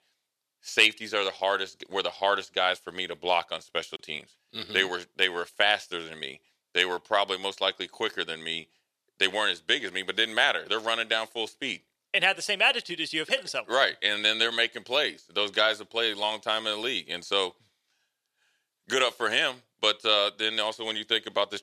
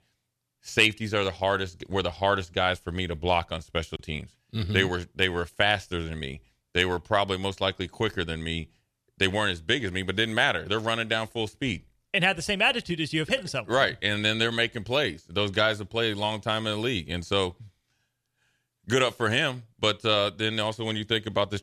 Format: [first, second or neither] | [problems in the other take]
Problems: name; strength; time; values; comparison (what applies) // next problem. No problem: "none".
second | thin; somewhat; fading below 400 Hz